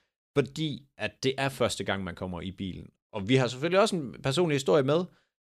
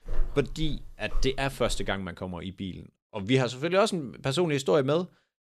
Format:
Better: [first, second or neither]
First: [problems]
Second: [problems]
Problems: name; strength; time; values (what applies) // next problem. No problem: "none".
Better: first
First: none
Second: footsteps; noticeable; until 2 s; peak 9 dB below the speech